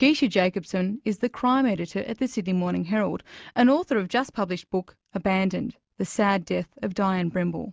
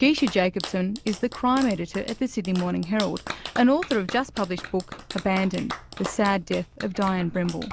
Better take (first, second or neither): first